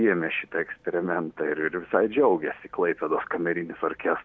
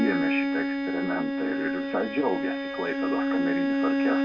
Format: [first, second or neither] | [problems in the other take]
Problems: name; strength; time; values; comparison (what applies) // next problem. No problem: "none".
first | background sound (Bowed string instrument); 4 dB above the speech // room echo; dies away in 0.1 s